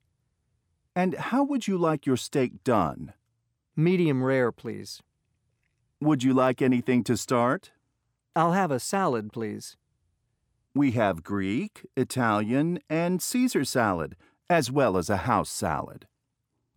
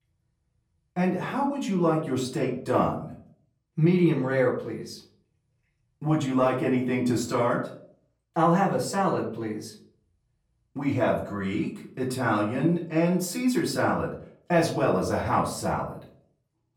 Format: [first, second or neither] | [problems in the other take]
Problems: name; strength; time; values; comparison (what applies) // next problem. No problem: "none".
first | off-mic speech; far // room echo; slight; dies away in 0.4 s